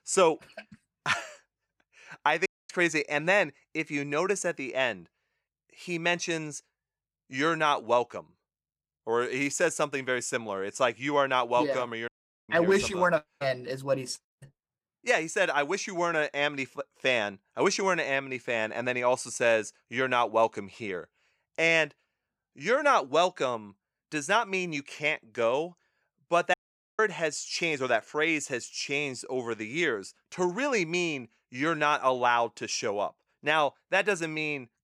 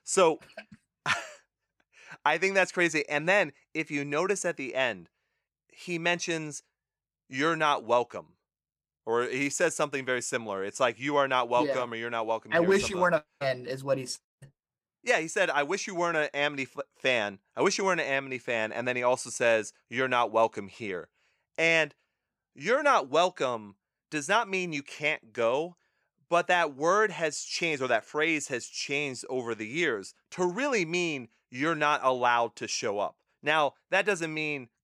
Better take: second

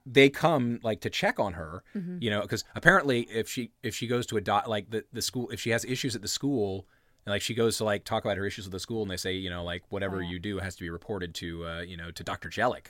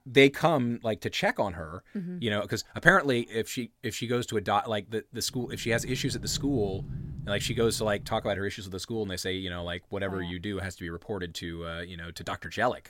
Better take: first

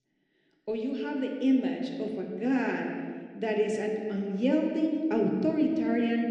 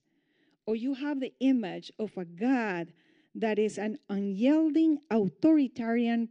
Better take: second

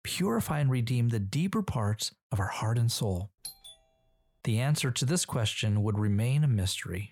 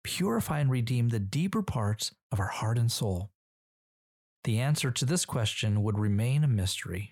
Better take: second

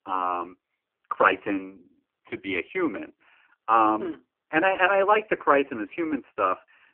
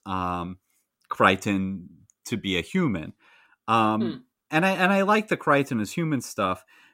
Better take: second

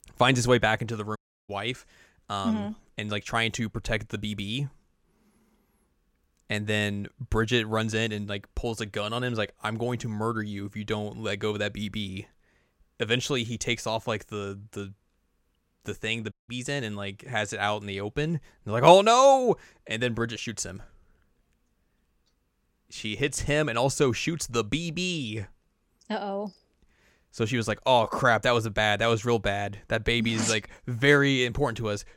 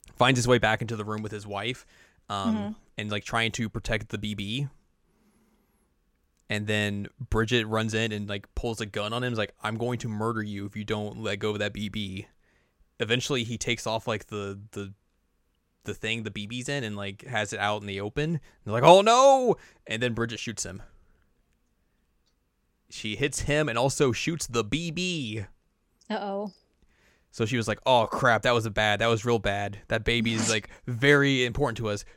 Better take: second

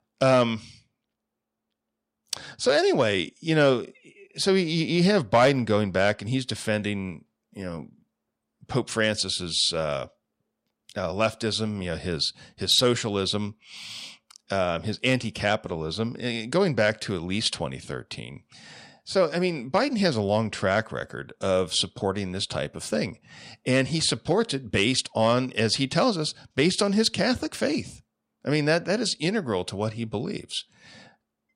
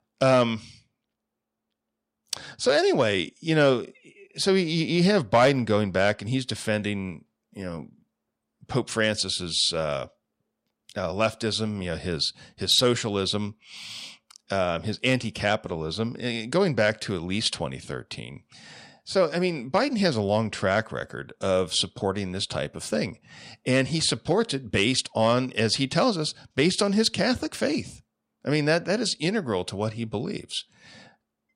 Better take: neither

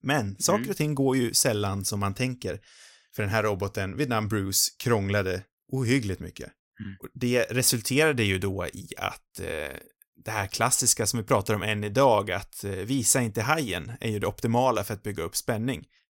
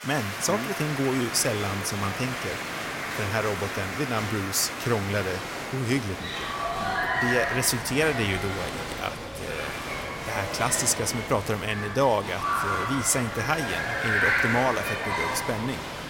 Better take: first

